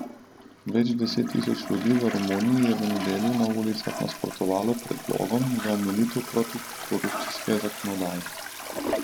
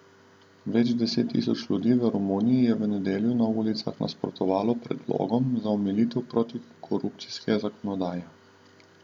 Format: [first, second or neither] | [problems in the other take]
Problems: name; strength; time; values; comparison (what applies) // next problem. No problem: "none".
second | background sound (Toilet flush); 9 dB below the speech